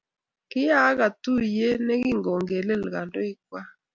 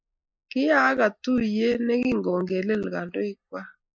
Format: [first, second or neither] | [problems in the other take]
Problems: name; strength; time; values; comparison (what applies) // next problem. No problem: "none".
first | noise reduction (neural mask model Resemble Enhance denoiser)